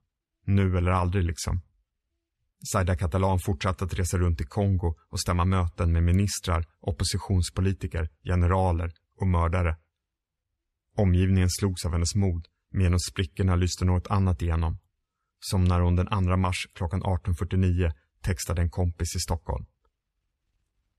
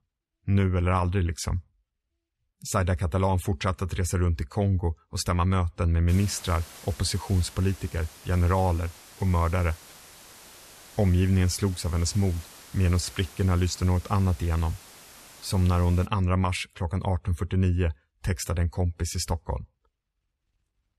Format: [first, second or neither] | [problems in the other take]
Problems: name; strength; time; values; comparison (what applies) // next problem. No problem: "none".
first | hiss; noticeable; from 6 to 16 s; 20 dB below the speech